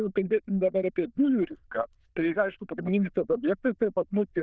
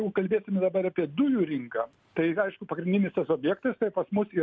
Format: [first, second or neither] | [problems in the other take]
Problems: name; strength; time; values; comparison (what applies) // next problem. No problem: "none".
second | noise reduction (neural diffusion model UNIVERSE++)